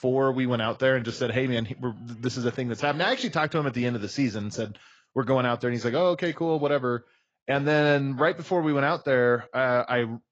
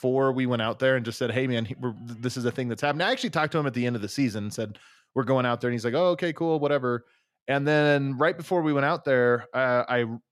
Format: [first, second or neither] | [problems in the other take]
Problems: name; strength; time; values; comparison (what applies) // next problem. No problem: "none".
second | garbled, watery; badly; nothing above 7.5 kHz